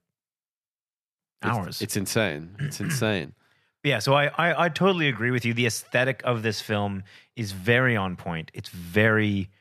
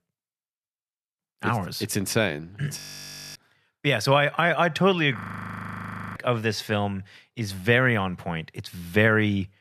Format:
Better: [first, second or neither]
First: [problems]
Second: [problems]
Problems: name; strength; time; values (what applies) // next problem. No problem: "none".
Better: first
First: none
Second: audio freezing; at 3 s for 0.5 s and at 5 s for 1 s